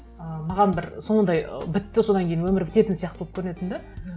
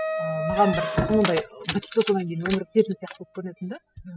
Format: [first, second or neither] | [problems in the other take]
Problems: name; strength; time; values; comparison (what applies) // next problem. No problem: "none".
first | noise reduction (classical method spectral subtraction)